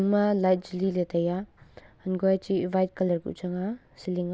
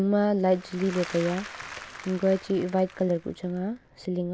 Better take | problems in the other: first | background sound (Applause / Crowd); 16 dB below the speech

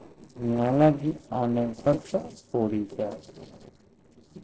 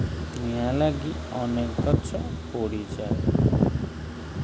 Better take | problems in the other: second | noise reduction (neural separator model SepFormer DNS4)

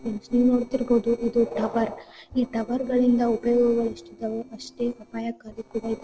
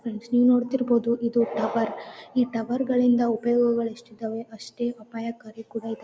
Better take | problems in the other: second | noise reduction (neural separator model SepFormer DNS4)

